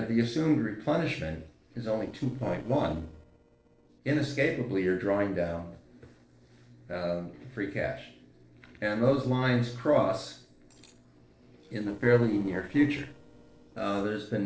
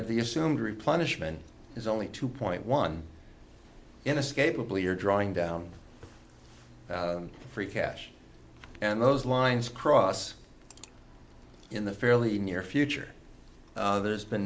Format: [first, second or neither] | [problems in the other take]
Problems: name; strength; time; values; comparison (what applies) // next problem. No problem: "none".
second | noise reduction (neural separator model SepFormer DNS4)